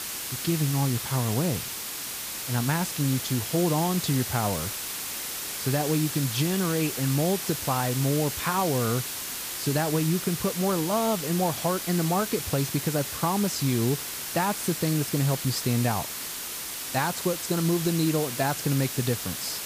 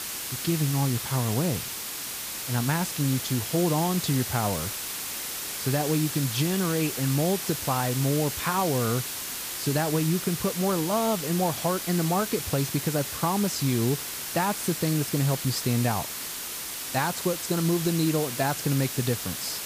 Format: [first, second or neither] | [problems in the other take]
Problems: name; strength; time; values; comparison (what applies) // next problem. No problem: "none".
neither | hiss; loud; throughout; 4 dB below the speech; the same in both